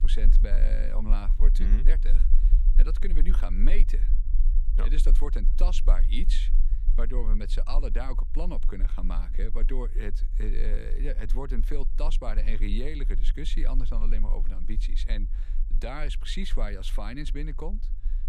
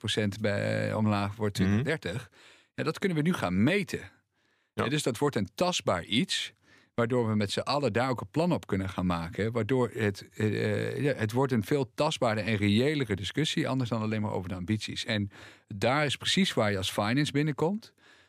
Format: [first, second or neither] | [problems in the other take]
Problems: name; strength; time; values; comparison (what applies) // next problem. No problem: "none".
second | low rumble; noticeable; throughout; 15 dB below the speech